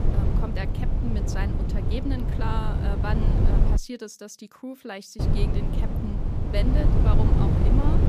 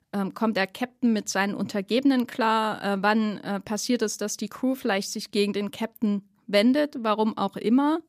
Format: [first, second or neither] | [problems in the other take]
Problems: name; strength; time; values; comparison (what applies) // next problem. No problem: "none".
second | wind noise on the microphone; heavy; until 4 s and from 5 s on; 1 dB above the speech